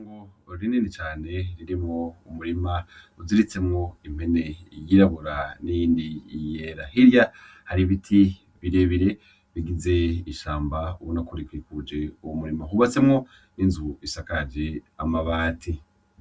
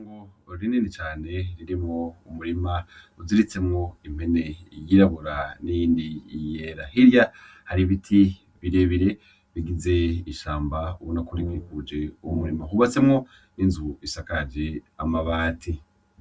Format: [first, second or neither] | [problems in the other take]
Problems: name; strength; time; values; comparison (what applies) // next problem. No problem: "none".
first | background sound (Brass instrument); 9 dB below the speech